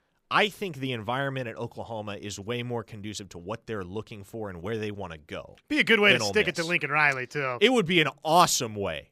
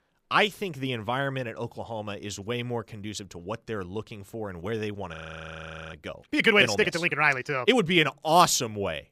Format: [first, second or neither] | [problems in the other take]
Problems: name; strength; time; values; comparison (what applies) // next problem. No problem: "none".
first | audio freezing; at 5 s for 1 s